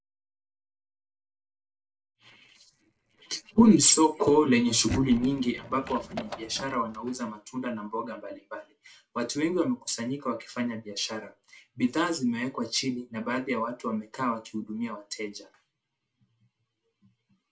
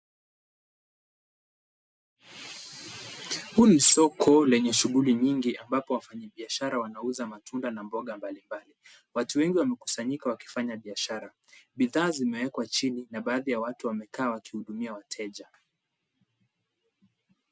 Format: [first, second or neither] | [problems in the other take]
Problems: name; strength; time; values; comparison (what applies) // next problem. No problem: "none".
second | noise reduction (neural separator model SepFormer DNS4)